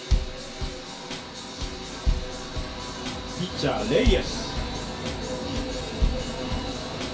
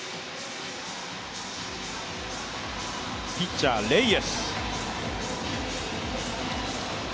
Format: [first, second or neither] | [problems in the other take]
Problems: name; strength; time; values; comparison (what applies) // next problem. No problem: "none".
second | background sound (Bass drum / Snare drum / Drum kit); 1 dB below the speech // room echo; dies away in 0.2 s